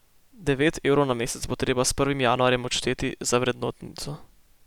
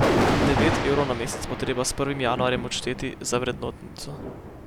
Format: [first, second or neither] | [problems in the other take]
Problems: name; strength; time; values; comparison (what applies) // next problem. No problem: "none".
first | background sound (Thunder); 1 dB above the speech